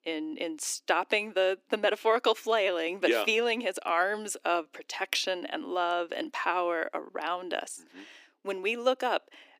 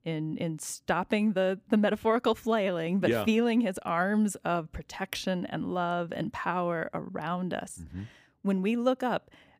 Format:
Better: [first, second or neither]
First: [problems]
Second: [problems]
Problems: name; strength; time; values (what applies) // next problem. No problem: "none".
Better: second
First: thin; very; fading below 300 Hz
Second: none